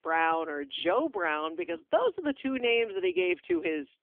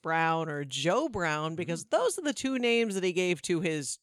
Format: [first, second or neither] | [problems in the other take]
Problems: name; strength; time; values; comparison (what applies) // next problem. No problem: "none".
second | phone-call audio; poor line; nothing above 3.5 kHz